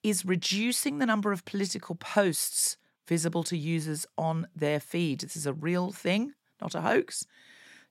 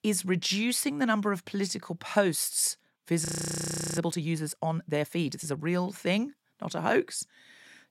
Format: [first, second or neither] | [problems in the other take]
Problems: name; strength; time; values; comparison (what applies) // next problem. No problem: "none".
first | audio freezing; at 3.5 s for 0.5 s